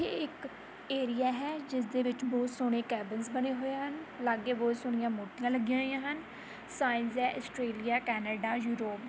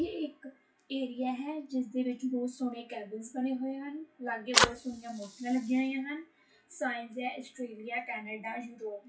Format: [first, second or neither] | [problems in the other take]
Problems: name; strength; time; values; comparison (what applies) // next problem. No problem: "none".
first | noise reduction (classical method WPE with log-MMSE)